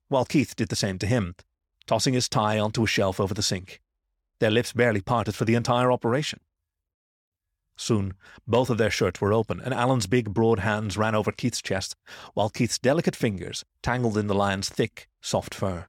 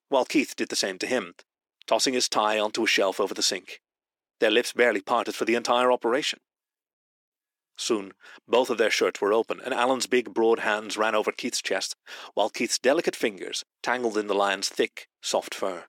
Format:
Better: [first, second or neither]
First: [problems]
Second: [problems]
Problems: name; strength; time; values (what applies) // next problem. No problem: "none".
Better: first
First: none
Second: thin; somewhat; fading below 300 Hz